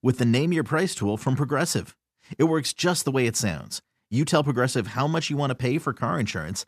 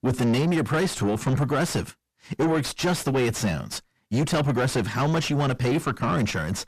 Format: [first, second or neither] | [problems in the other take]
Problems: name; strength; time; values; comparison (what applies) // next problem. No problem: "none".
first | distortion; heavy; 5 dB below the speech